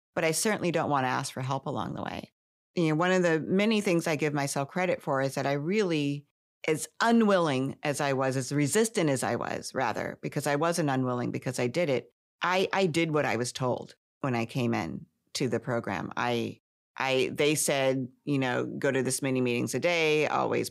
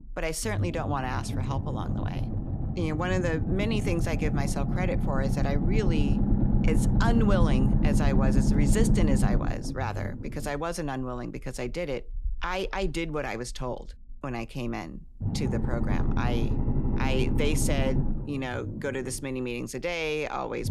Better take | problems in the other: first | low rumble; loud; throughout; 4 dB below the speech

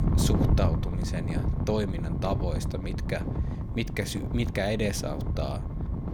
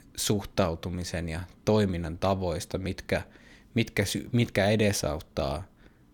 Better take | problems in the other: second | wind noise on the microphone; heavy; 6 dB below the speech

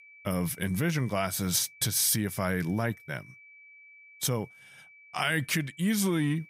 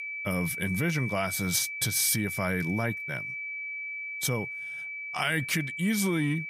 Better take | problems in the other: first | high-pitched whine; loud; throughout; 2.5 kHz, 5 dB below the speech; faint in the first

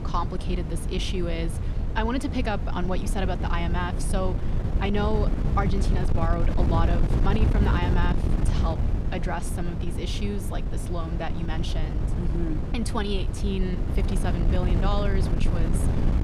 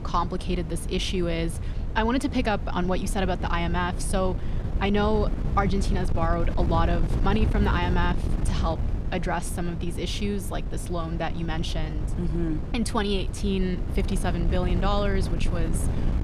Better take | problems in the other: second | wind noise on the microphone; heavy; 5 dB below the speech; occasional gusts in the second

